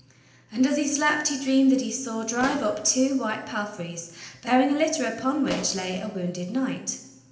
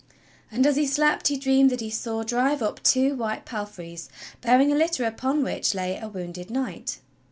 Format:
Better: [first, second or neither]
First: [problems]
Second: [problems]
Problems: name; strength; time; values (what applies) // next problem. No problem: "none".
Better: second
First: background sound (Explosion); 16 dB below the speech // room echo; dies away in 0.8 s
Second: none